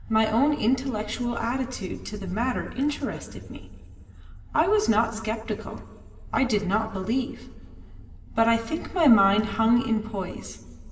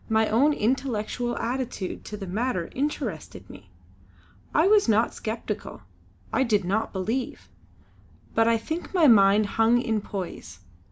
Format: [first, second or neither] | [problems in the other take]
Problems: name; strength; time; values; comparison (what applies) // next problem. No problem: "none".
second | background sound (Engine / Car); 20 dB below the speech // room echo; dies away in 2.4 s